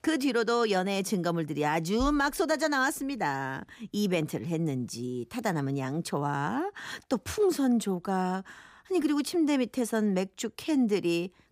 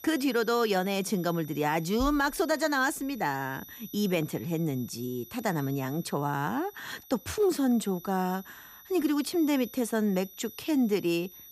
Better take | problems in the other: first | high-pitched whine; noticeable; throughout; 12 kHz, 20 dB below the speech

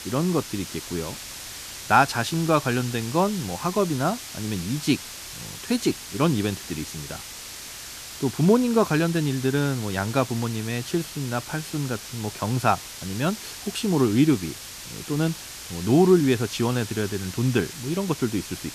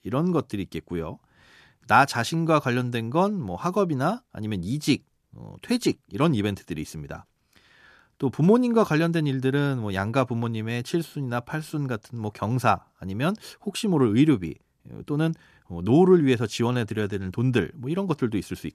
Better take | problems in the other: second | hiss; noticeable; throughout; 10 dB below the speech

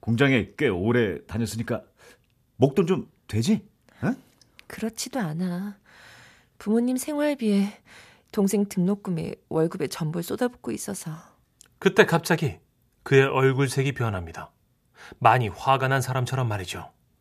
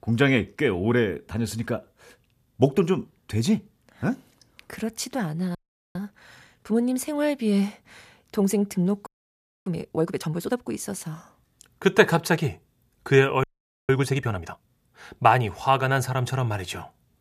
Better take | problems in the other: first | audio freezing; at 5.5 s, at 9 s for 0.5 s and at 13 s

